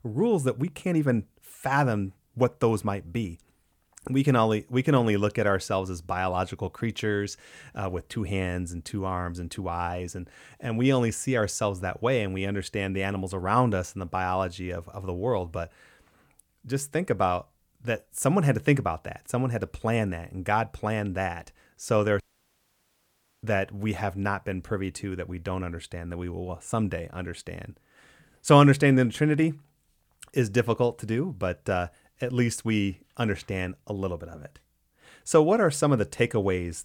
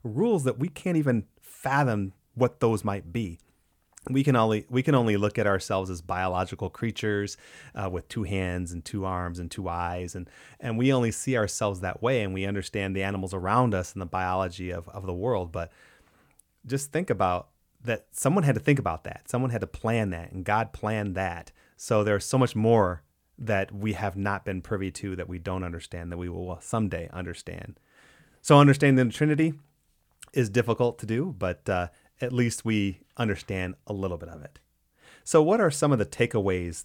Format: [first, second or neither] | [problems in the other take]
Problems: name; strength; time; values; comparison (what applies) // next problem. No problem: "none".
second | audio cutting out; at 22 s for 1 s